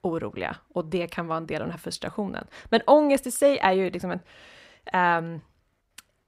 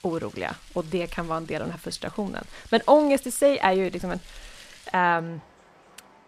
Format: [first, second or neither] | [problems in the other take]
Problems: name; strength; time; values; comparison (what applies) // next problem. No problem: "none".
first | rain or running water; faint; throughout; 25 dB below the speech